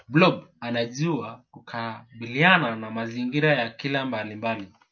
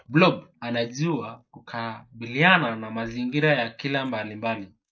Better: first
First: none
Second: noise reduction (neural mask model Resemble Enhance denoiser)

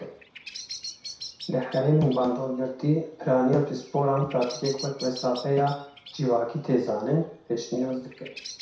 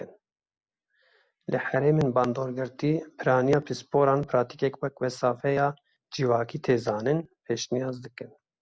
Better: second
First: background sound (Bird vocalization, bird call, bird song); 17 dB below the speech // room echo; dies away in 0.6 s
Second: none

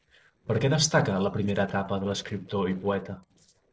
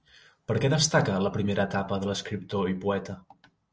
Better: second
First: noise reduction (neural separator model SepFormer DNS4)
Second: none

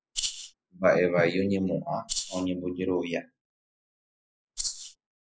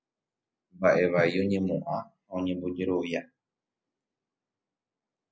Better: second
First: noise reduction (neural mask model Resemble Enhance denoiser)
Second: none

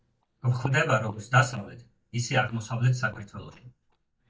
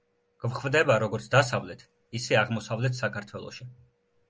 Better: second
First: noise reduction (neural mask model DeepFilterNet 3)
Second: none

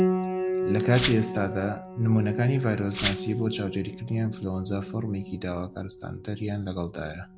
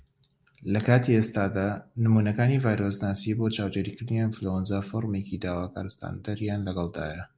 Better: second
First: background sound (Glass + Piano); 4 dB below the speech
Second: none

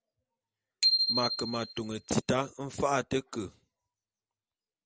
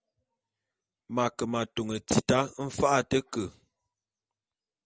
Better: second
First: background sound (Bicycle bell); 1 dB above the speech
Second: none

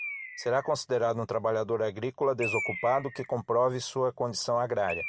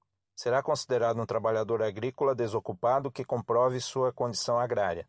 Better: second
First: background sound (Bird); 12 dB below the speech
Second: none

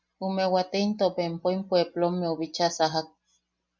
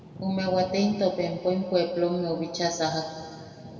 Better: first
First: none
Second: background sound (Thunder / Rain); 16 dB below the speech // room echo; dies away in 2.2 s

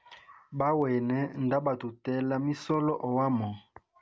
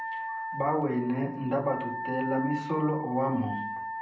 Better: first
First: none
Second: background sound (Wind instrument, woodwind instrument); 6 dB below the speech // room echo; dies away in 0.6 s

